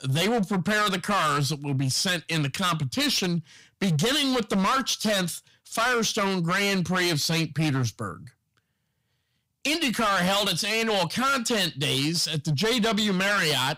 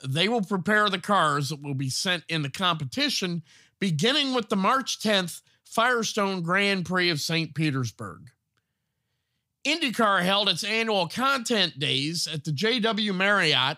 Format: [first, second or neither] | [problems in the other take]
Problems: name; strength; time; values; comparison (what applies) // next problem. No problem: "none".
second | distortion; heavy; 17% of the sound clipped